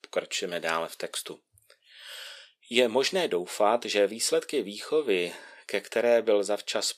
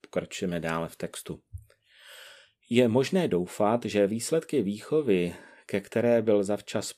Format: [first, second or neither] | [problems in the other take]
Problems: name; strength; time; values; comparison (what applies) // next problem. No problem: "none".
second | thin; somewhat; fading below 450 Hz